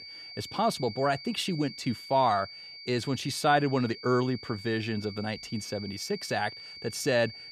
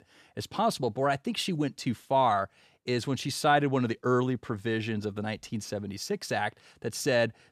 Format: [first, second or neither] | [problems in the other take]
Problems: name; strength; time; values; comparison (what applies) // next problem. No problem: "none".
second | high-pitched whine; noticeable; throughout; 4.5 kHz, 15 dB below the speech